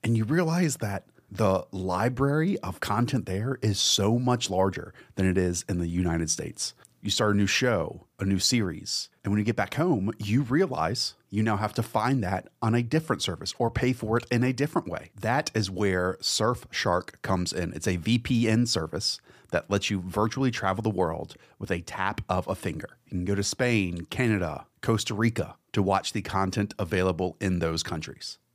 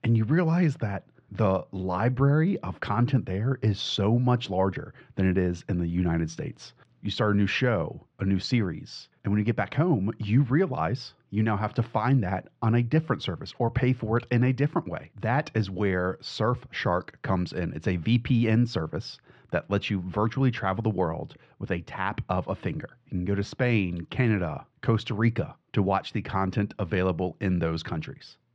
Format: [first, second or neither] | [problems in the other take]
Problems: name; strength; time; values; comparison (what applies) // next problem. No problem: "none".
first | muffled; slightly; fading above 3.5 kHz